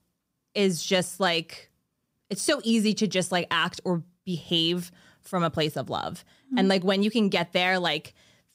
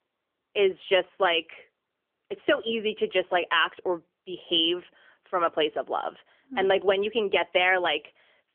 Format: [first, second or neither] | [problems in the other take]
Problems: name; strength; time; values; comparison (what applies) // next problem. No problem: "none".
first | phone-call audio; nothing above 3.5 kHz